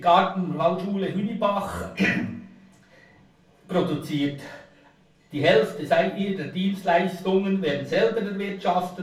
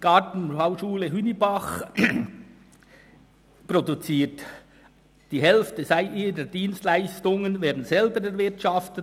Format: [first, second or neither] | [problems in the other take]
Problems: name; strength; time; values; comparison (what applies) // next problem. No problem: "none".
second | room echo; dies away in 0.3 s